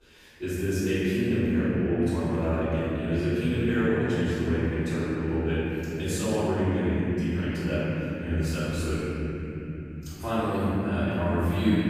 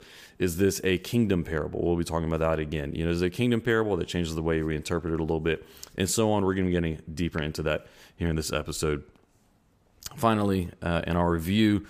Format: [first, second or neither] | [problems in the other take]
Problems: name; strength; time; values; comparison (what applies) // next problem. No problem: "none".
second | room echo; strong; dies away in 3 s // off-mic speech; far